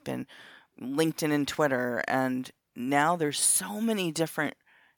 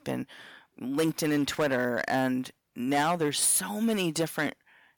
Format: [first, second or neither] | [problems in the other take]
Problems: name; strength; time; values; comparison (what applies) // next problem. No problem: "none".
first | distortion; slight; 5% of the sound clipped